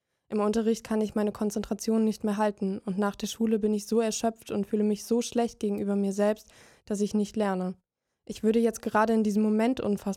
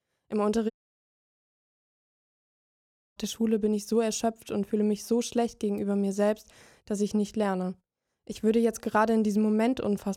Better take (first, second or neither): first